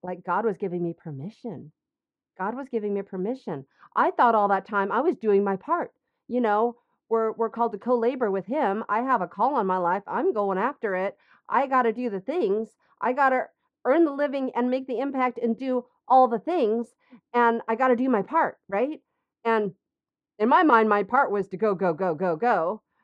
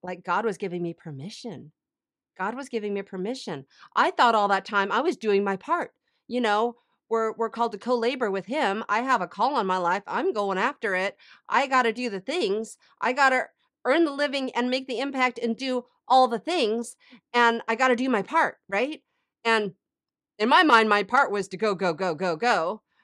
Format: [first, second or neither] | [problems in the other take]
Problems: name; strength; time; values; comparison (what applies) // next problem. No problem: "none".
second | muffled; very; fading above 2.5 kHz